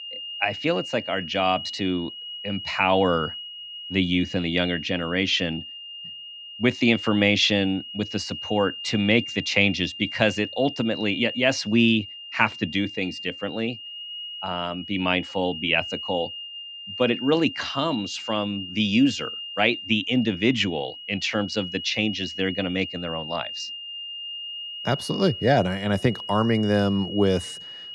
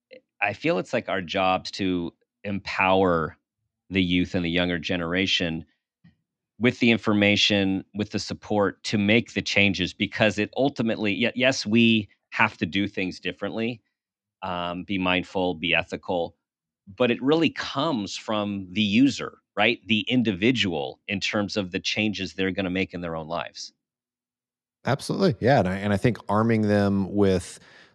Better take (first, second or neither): second